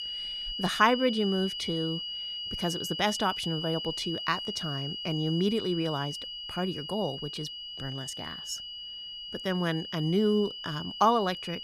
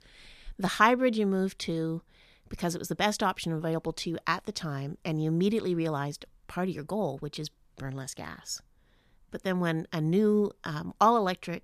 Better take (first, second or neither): second